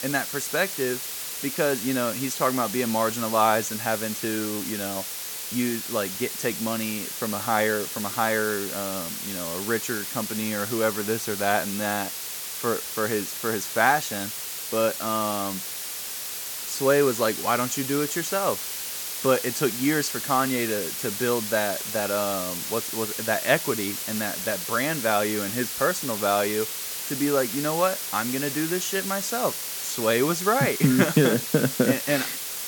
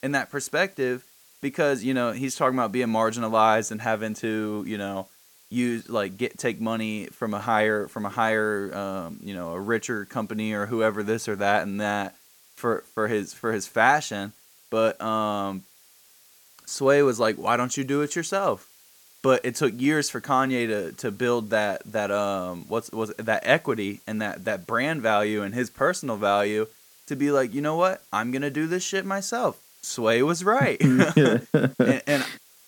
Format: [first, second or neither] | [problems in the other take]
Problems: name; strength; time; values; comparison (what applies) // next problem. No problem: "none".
second | hiss; loud; throughout; 4 dB below the speech; faint in the second